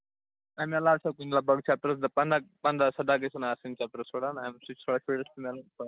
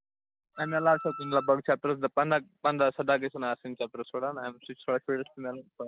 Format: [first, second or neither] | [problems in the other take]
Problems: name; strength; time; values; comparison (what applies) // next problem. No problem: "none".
first | background sound (Wind instrument, woodwind instrument); 12 dB below the speech